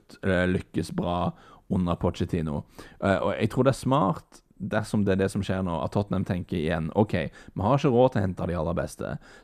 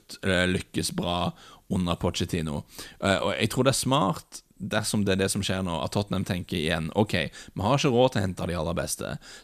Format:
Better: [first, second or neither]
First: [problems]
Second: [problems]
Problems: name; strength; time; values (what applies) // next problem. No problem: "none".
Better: second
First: muffled; slightly; fading above 2 kHz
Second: none